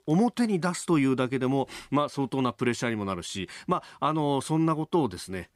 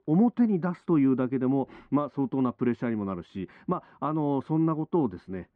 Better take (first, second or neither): first